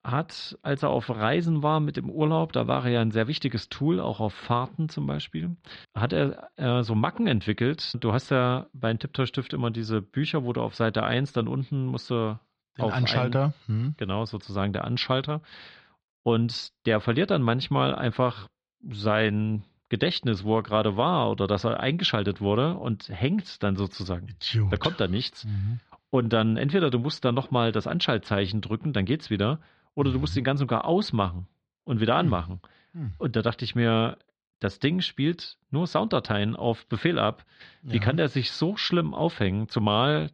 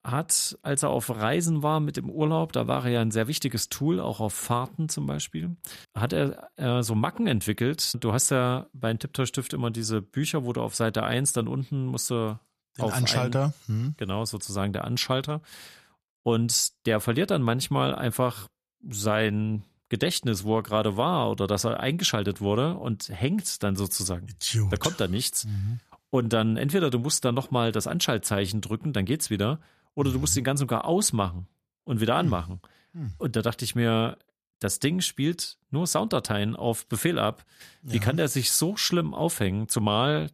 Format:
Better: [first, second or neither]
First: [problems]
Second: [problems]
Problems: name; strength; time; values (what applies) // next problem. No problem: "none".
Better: second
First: muffled; slightly; fading above 4 kHz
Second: none